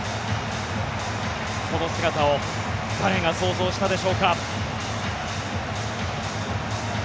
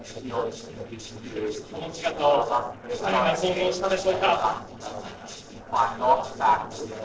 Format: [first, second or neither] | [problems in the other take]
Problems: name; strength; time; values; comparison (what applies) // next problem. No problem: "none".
first | noise reduction (neural separator model SepFormer DNS4)